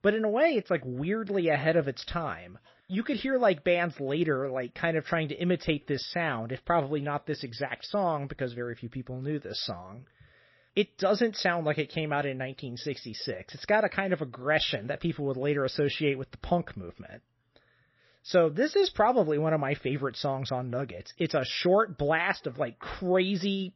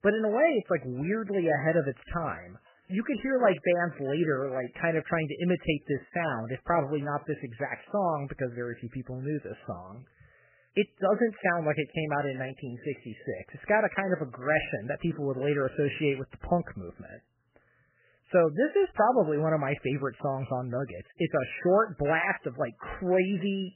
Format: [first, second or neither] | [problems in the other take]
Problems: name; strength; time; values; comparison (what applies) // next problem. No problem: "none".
first | garbled, watery; badly; nothing above 3 kHz; slightly in the first